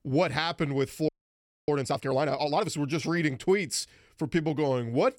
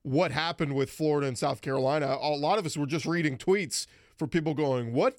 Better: second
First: audio freezing; at 1 s for 0.5 s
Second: none

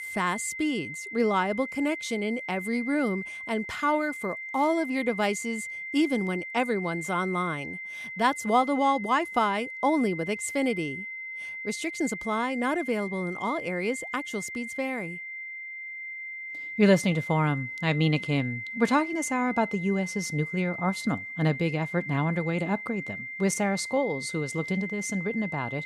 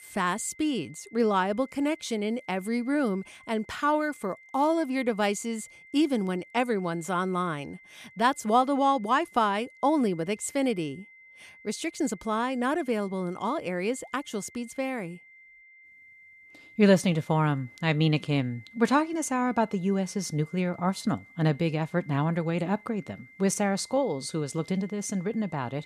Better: second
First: high-pitched whine; loud; throughout; 2 kHz, 7 dB below the speech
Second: high-pitched whine; faint; throughout; 2 kHz, 25 dB below the speech

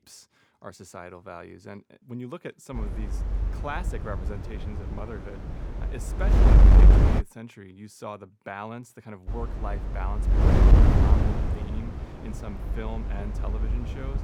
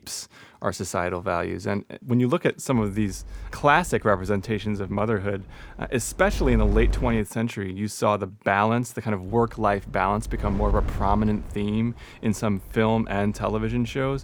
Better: second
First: wind noise on the microphone; heavy; from 2.5 to 7 s and from 9.5 s on; 4 dB above the speech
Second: wind noise on the microphone; occasional gusts; from 2.5 to 7 s and from 9.5 s on; 20 dB below the speech

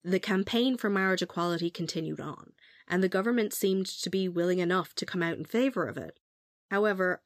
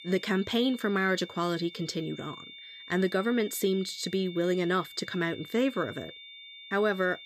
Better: first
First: none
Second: high-pitched whine; noticeable; throughout; 3.5 kHz, 15 dB below the speech

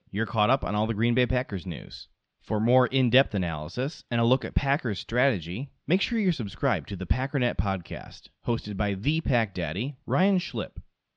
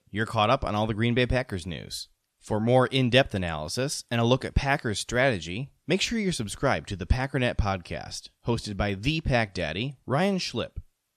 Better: second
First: muffled; very slightly; fading above 4 kHz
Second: none

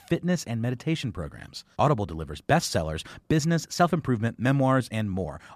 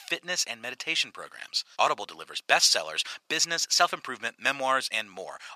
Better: first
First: none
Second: thin; very; fading below 850 Hz

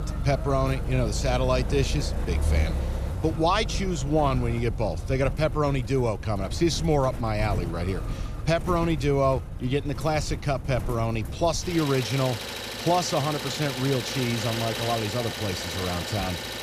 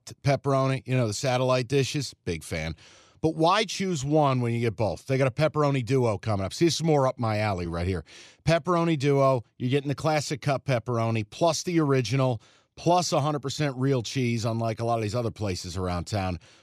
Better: second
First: traffic noise; loud; throughout; 5 dB below the speech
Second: none

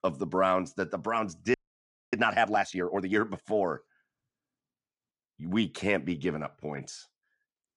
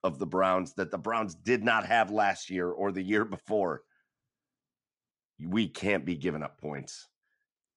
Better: second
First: audio freezing; at 1.5 s for 0.5 s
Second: none

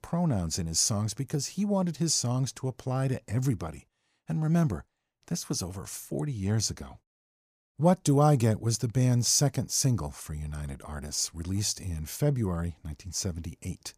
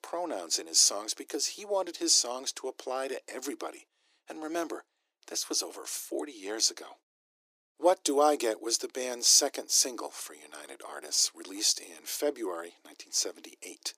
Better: first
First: none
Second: thin; very; fading below 300 Hz

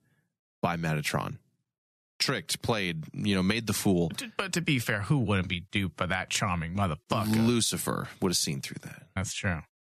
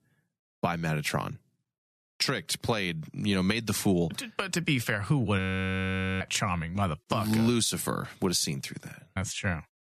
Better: first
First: none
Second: audio freezing; at 5.5 s for 1 s

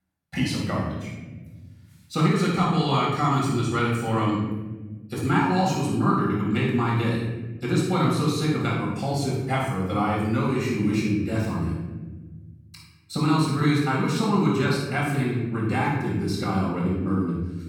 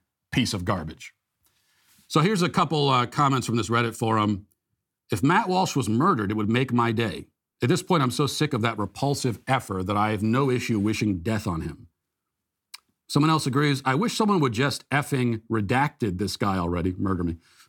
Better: second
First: off-mic speech; far // room echo; strong; dies away in 1.4 s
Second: none

